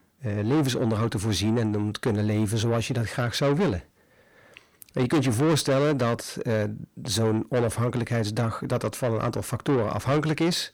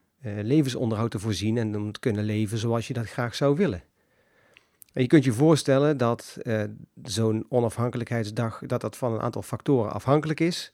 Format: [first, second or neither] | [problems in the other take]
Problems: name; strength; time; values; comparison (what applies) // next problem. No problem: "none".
second | distortion; heavy; 7 dB below the speech